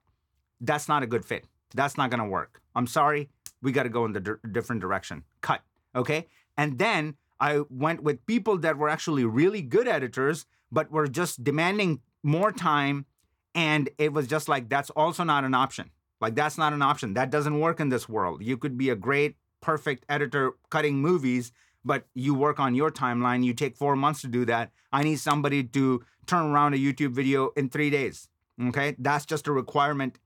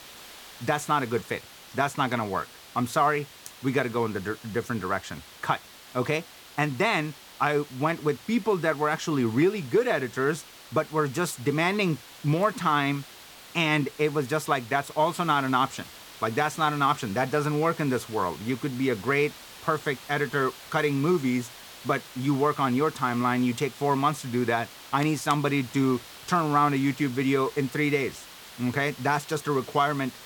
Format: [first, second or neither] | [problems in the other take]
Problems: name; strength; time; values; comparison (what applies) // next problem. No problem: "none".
first | hiss; noticeable; throughout; 15 dB below the speech